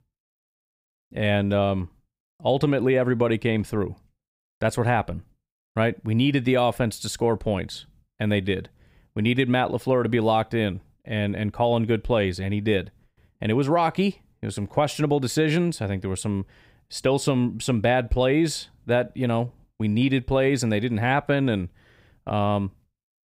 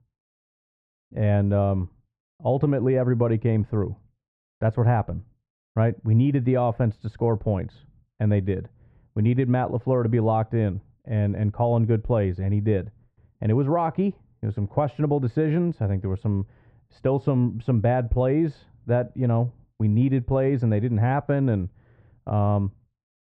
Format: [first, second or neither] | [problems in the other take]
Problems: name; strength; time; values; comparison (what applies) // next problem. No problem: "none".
first | muffled; very; fading above 1 kHz